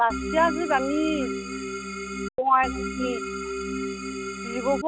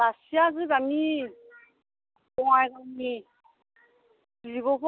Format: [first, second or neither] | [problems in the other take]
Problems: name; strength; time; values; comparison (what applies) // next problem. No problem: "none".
second | background sound (Organ); 4 dB below the speech